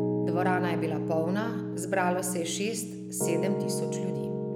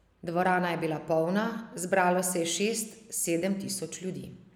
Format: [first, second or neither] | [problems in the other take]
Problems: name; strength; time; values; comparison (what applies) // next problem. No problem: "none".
second | background sound (Piano); 1 dB above the speech